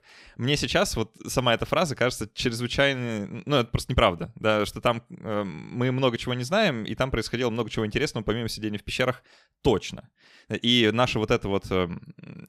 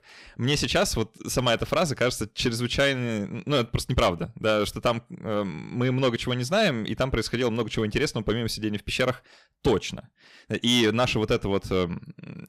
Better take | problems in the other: first | distortion; slight; 10 dB below the speech

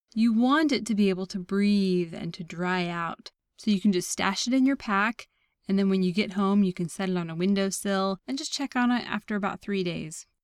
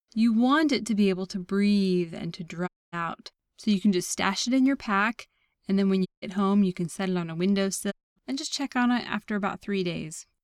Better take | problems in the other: first | audio cutting out; at 2.5 s, at 6 s and at 8 s

